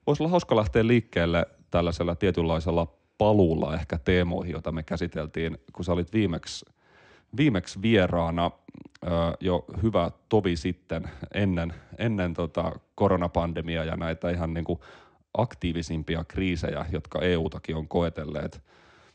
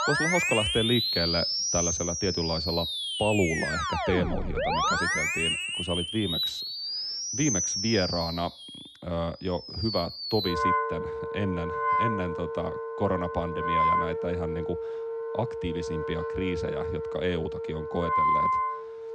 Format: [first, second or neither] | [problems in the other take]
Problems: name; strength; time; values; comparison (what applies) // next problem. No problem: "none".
first | background music; very loud; throughout; 3 dB above the speech